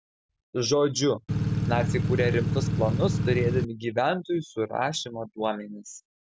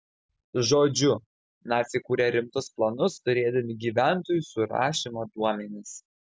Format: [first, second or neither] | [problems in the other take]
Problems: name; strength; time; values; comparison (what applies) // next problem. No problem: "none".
second | background sound (Engine / Truck / Car); 3 dB above the speech